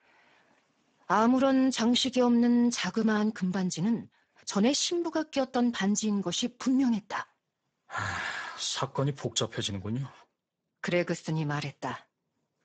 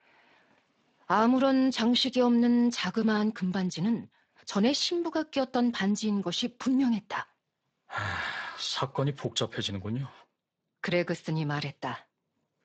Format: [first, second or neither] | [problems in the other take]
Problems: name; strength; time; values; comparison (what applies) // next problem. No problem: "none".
second | garbled, watery; badly; nothing above 7.5 kHz; slightly in the second